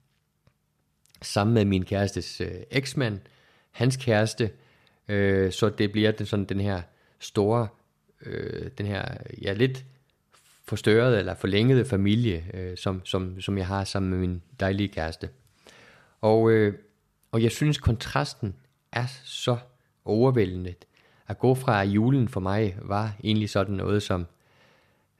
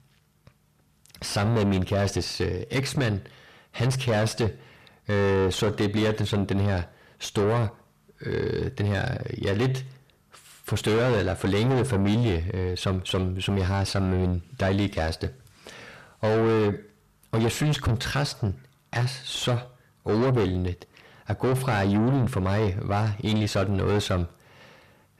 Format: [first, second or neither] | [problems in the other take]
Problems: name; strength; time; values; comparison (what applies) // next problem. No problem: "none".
first | distortion; heavy; 6 dB below the speech